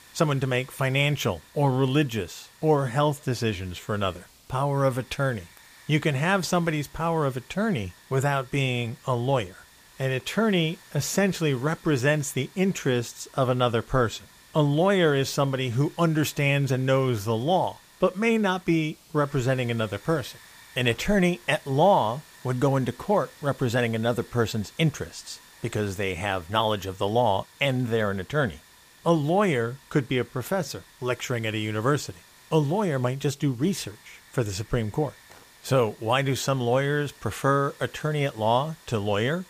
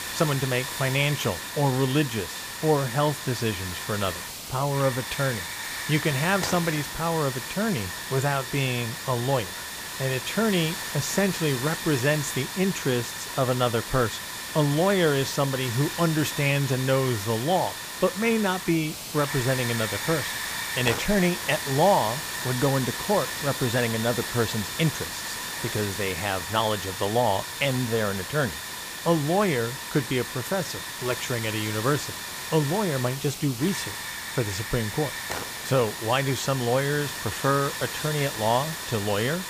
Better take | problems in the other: first | hiss; loud; throughout; 5 dB below the speech; faint in the first

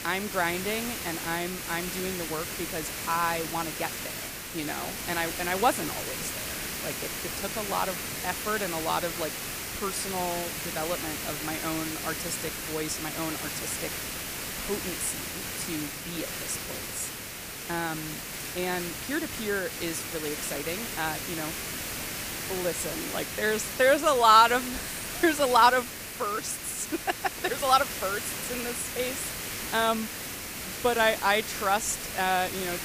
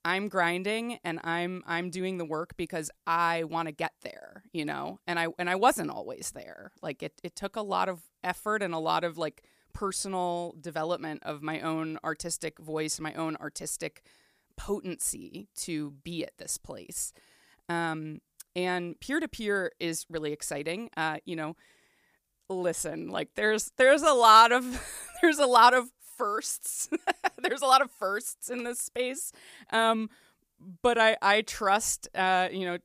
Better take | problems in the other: second | hiss; loud; throughout; 4 dB below the speech

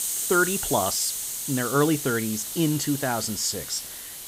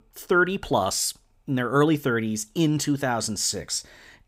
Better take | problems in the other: second | hiss; loud; throughout; 3 dB below the speech

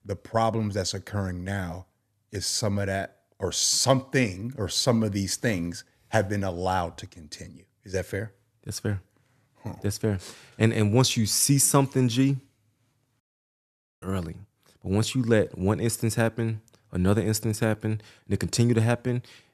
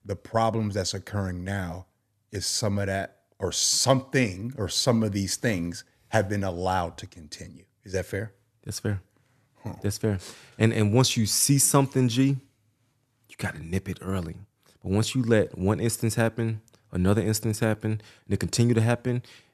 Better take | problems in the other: second | audio cutting out; at 13 s for 1 s

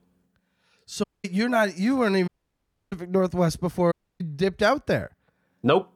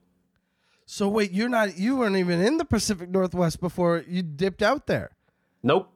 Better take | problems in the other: second | audio cutting out; at 1 s, at 2.5 s for 0.5 s and at 4 s

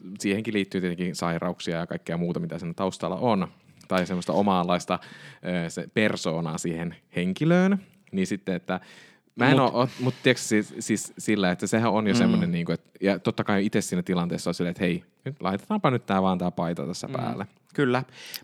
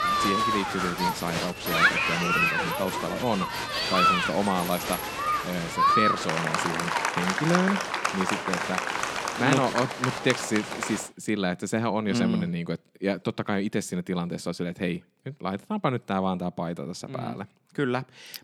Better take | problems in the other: first | crowd noise; very loud; until 11 s; 3 dB above the speech

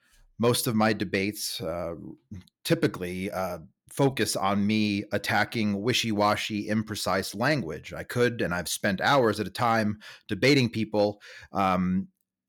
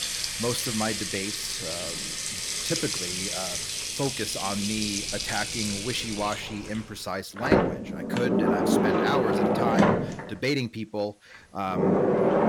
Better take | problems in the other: first | household noises; very loud; throughout; 5 dB above the speech

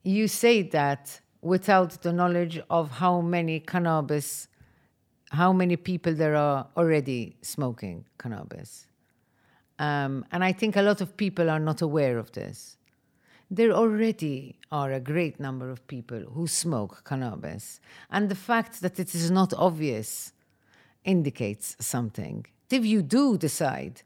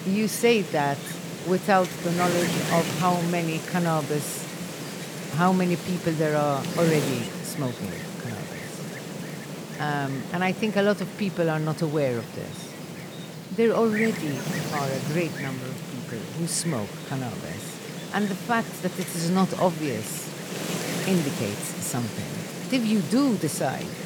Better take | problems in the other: first | wind noise on the microphone; heavy; 7 dB below the speech

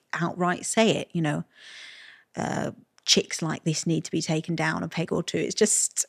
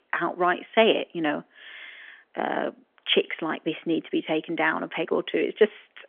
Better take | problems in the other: first | phone-call audio; nothing above 3.5 kHz

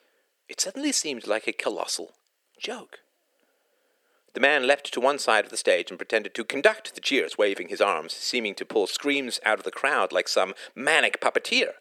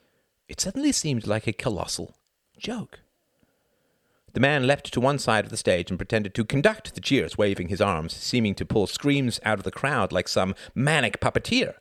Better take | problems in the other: second | thin; somewhat; fading below 350 Hz

